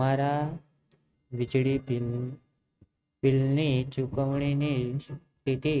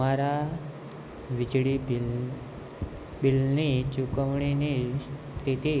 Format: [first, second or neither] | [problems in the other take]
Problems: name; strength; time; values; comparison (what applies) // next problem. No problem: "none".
second | noise reduction (neural mask model RNNoise)